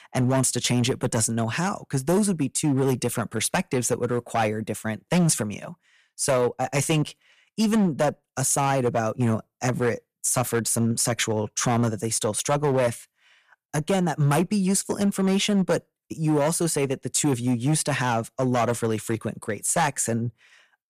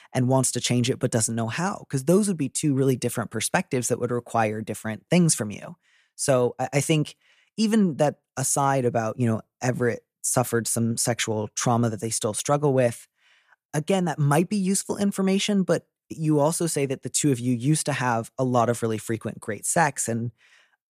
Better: second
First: distortion; slight; 7% of the sound clipped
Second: none

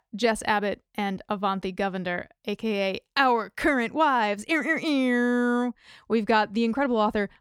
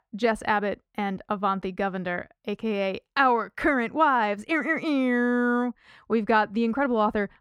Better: first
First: none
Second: muffled; slightly; fading above 3 kHz

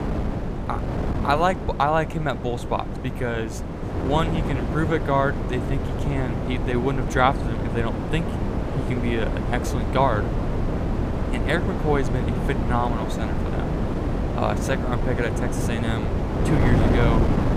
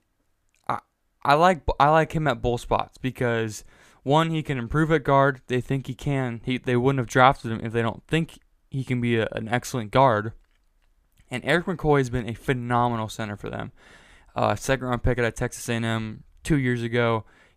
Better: second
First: wind noise on the microphone; heavy; 5 dB below the speech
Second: none

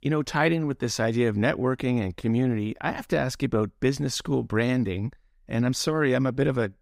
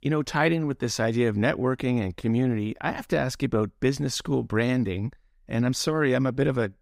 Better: neither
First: none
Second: none

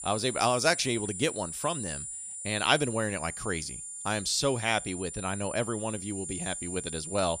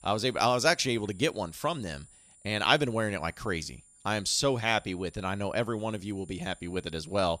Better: second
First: high-pitched whine; loud; throughout; 9.5 kHz, 6 dB below the speech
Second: high-pitched whine; faint; throughout; 9.5 kHz, 25 dB below the speech

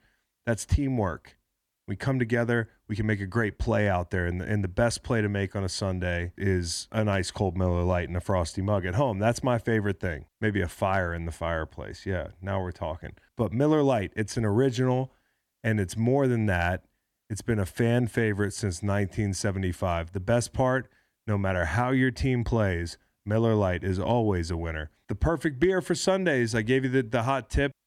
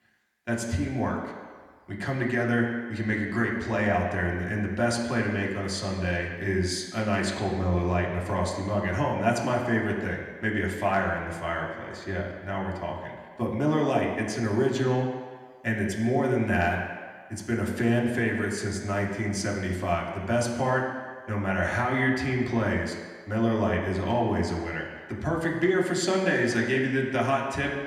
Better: first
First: none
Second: room echo; noticeable; dies away in 1.4 s // off-mic speech; somewhat distant

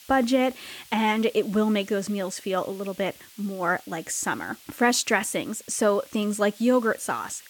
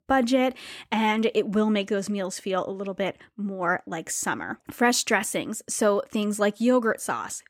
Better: second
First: hiss; faint; throughout; 20 dB below the speech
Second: none

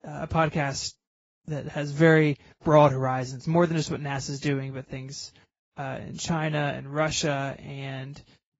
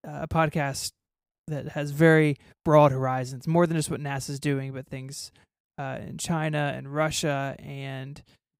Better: second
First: garbled, watery; badly; nothing above 7.5 kHz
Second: none

